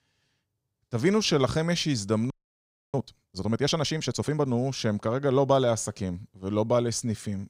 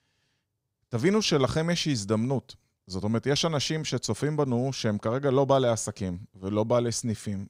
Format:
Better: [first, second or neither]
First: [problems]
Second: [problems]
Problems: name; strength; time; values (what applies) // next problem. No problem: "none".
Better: second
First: audio freezing; at 2.5 s for 0.5 s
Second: none